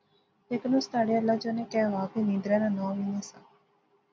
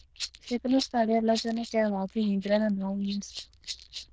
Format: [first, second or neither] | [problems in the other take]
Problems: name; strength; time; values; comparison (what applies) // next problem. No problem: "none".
first | noise reduction (neural diffusion model UNIVERSE++)